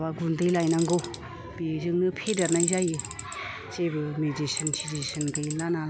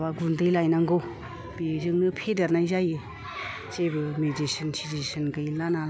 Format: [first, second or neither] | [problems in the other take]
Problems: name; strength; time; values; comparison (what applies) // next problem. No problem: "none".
second | background sound (Tools); 8 dB below the speech